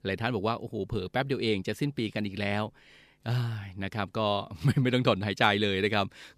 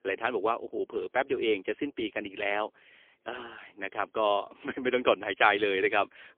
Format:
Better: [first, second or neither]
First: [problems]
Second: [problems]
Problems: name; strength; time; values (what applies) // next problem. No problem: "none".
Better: first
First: none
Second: phone-call audio; poor line; nothing above 3.5 kHz